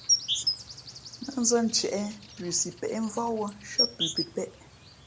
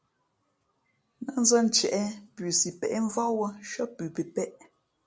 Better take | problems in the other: second | background sound (Insect); 2 dB below the speech

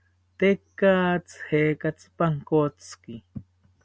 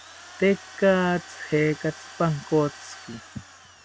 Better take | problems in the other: first | background sound (Drill); 18 dB below the speech

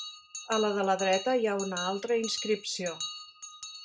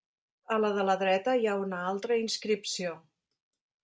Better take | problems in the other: second | background sound (Bell); 10 dB below the speech

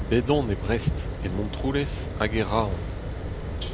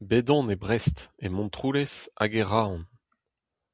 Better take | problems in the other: second | background sound (Fire); 3 dB below the speech

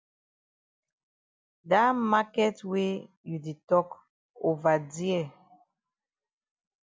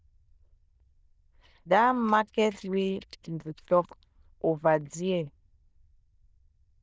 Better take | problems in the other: first | noise reduction (neural diffusion model UNIVERSE++)

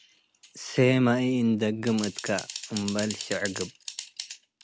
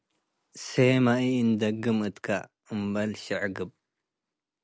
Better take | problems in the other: second | background sound (Typing); 13 dB below the speech

